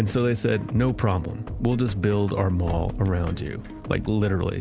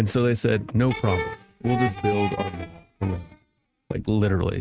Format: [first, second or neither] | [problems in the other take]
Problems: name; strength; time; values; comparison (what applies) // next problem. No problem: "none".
first | noise reduction (neural mask model RNNoise)